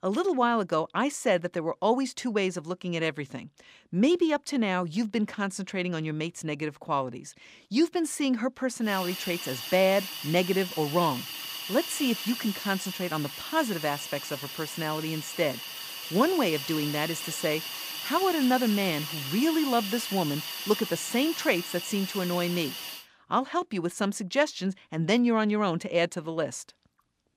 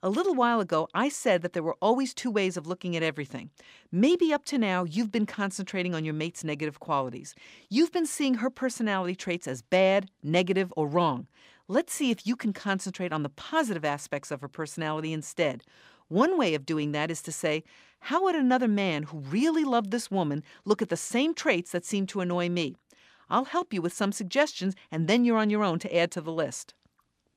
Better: second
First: hiss; loud; from 9 to 23 s; 7 dB below the speech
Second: none

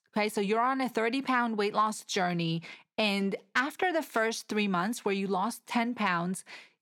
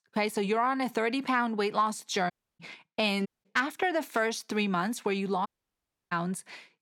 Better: first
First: none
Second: audio cutting out; at 2.5 s, at 3.5 s and at 5.5 s for 0.5 s

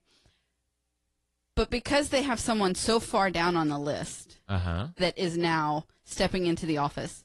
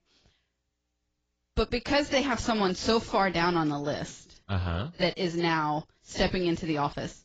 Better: first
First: garbled, watery; slightly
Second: garbled, watery; badly; nothing above 7.5 kHz

